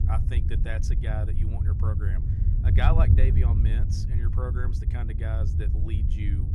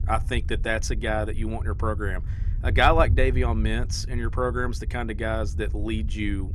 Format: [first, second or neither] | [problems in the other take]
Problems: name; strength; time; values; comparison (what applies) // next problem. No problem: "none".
second | wind noise on the microphone; heavy; 3 dB below the speech; occasional gusts in the second